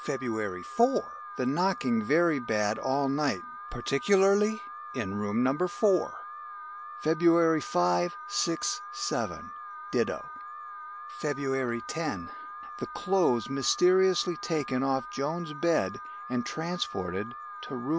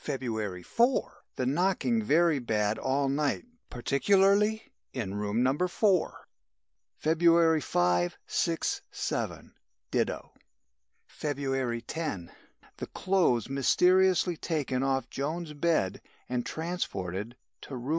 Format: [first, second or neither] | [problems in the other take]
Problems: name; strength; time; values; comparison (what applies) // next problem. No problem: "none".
second | background sound (Alarm); 12 dB below the speech